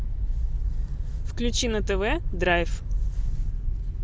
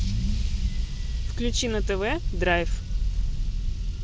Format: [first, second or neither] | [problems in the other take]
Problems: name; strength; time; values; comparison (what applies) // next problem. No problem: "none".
first | background sound (Engine starting / Accelerating, revving, vroom / Car); 7 dB below the speech